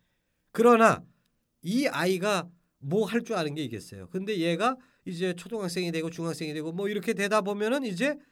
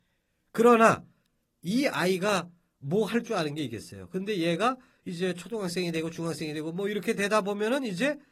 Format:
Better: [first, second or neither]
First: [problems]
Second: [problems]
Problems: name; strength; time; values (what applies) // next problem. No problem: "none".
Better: first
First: none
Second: garbled, watery; slightly